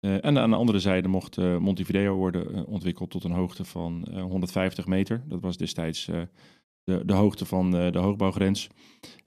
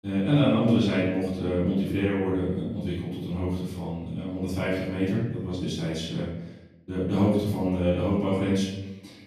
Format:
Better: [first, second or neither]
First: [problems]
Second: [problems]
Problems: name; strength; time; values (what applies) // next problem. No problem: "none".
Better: first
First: none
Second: off-mic speech; far // room echo; noticeable; dies away in 0.8 s